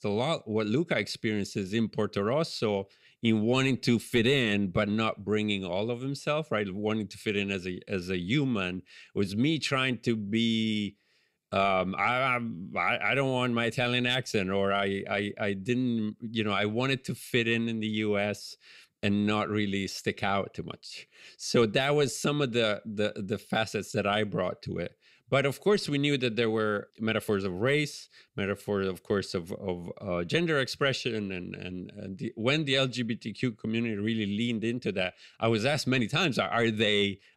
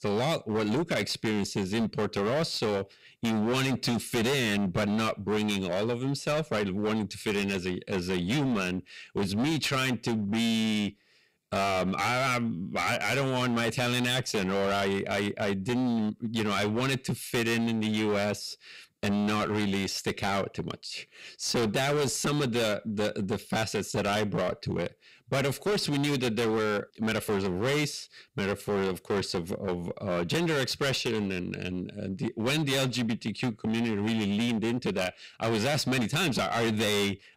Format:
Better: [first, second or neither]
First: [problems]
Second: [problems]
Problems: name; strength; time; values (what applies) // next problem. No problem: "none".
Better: first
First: none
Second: distortion; heavy; 23% of the sound clipped